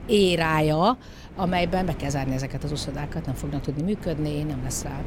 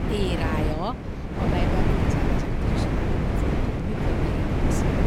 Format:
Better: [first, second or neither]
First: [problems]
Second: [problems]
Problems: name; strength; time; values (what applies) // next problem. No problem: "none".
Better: first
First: wind noise on the microphone; occasional gusts; 15 dB below the speech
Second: wind noise on the microphone; heavy; 5 dB above the speech